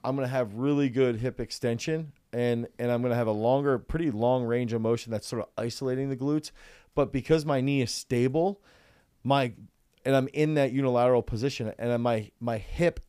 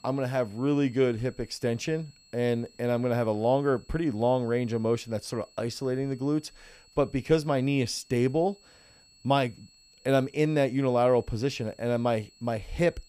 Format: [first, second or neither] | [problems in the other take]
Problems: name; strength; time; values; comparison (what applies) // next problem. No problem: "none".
first | high-pitched whine; faint; throughout; 4.5 kHz, 30 dB below the speech